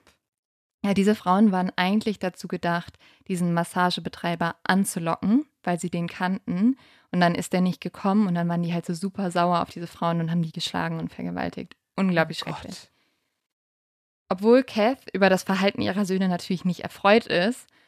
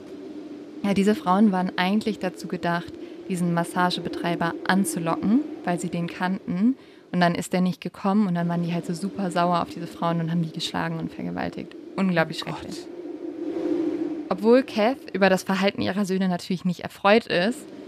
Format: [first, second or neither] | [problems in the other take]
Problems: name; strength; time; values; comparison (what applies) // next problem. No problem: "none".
first | wind noise on the microphone; occasional gusts; 15 dB below the speech